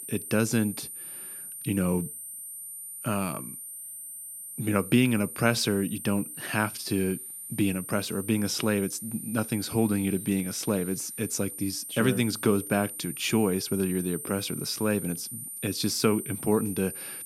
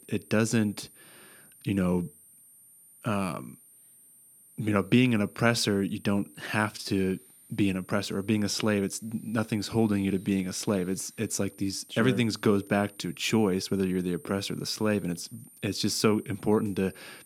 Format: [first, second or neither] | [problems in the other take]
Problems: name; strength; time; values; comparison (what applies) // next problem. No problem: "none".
second | high-pitched whine; loud; throughout; 9 kHz, 9 dB below the speech; faint in the second